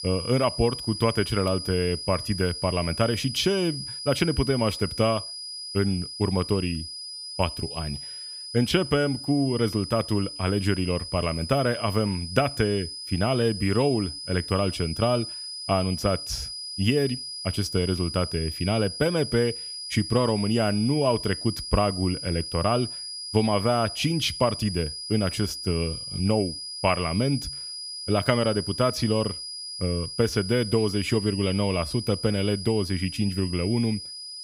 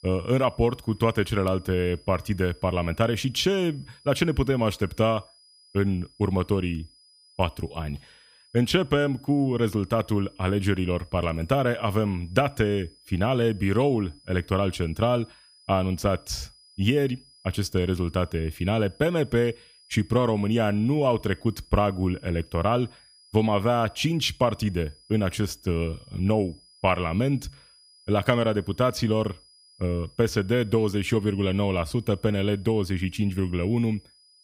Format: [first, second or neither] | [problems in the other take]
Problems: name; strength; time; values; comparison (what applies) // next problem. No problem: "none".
second | high-pitched whine; loud; throughout; 5 kHz, 7 dB below the speech; faint in the second